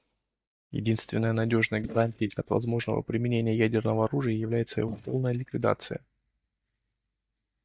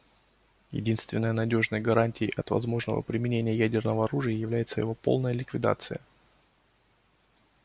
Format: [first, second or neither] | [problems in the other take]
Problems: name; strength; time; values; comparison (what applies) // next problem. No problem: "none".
second | noise reduction (neural mask model DeepFilterNet 3)